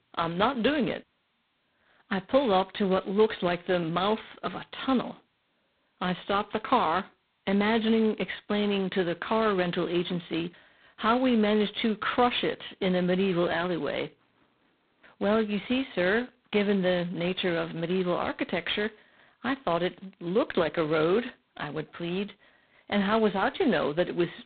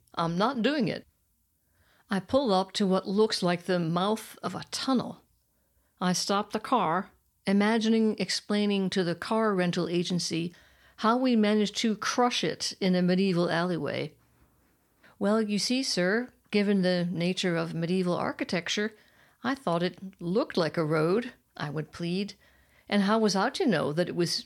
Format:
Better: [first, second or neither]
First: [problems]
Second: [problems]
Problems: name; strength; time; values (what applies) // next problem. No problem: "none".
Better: second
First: phone-call audio; poor line; nothing above 4 kHz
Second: none